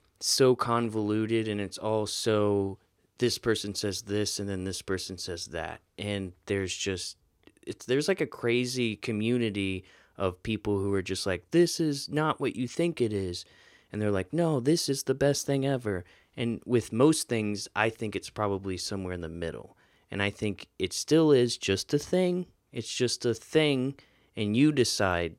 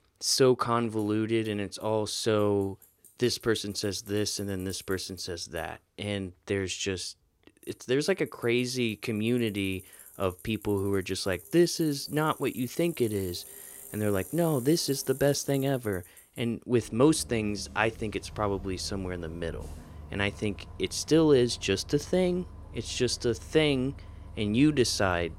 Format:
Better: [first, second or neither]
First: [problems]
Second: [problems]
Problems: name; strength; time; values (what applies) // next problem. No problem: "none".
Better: first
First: none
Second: traffic noise; noticeable; throughout; 20 dB below the speech